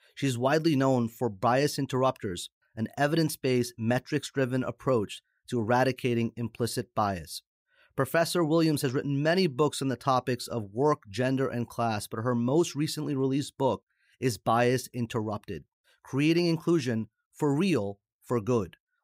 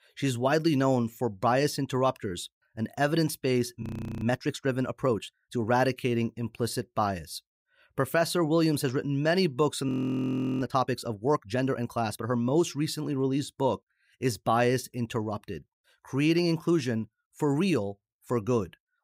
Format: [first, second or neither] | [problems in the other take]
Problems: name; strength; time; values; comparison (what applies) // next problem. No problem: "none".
first | audio freezing; at 4 s and at 10 s for 0.5 s